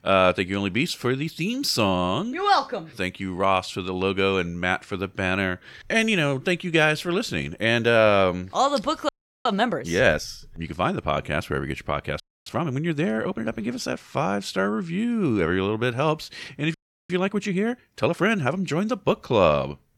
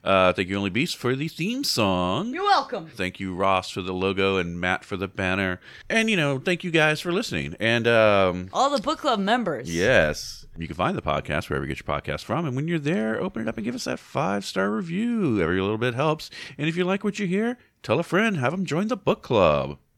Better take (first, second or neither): second